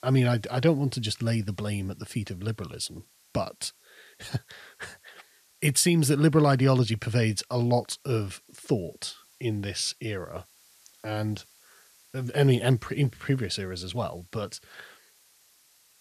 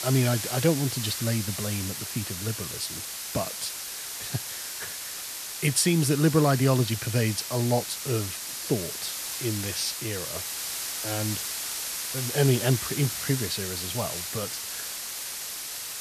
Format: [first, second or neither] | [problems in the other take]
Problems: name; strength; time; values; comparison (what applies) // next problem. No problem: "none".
first | hiss; loud; throughout; 4 dB below the speech; faint in the first